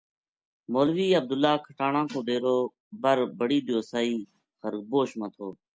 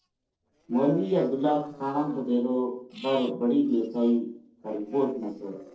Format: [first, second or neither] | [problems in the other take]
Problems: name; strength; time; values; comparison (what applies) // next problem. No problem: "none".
first | noise reduction (neural separator model SepFormer DNS4)